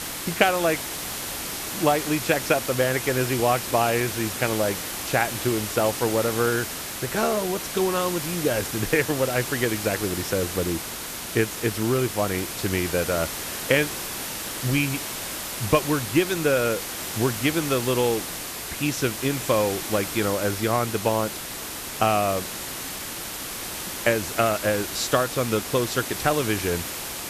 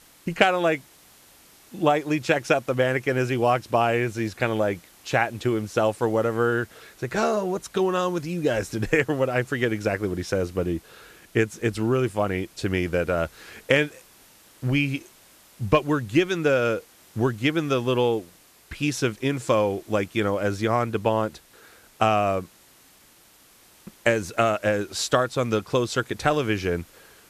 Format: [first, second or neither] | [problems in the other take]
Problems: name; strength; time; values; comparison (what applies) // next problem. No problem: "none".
second | hiss; loud; throughout; 5 dB below the speech; faint in the second